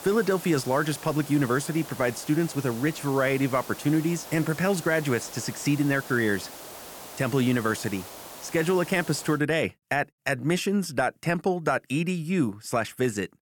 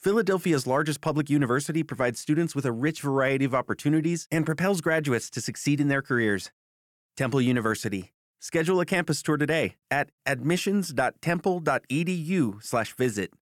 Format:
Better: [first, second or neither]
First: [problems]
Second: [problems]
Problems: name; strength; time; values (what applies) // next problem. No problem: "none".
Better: second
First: hiss; noticeable; until 9.5 s; 15 dB below the speech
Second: none